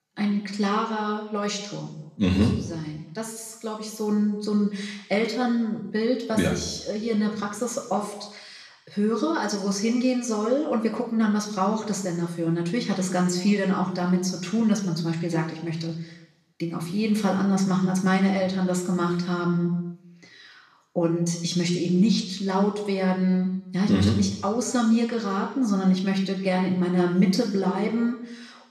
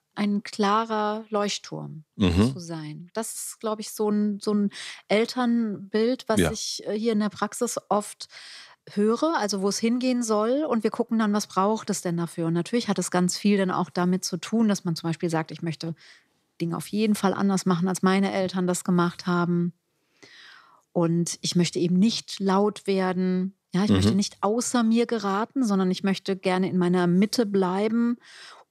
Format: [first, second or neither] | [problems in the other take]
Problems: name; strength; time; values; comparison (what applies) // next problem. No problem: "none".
second | room echo; slight; dies away in 0.8 s // off-mic speech; somewhat distant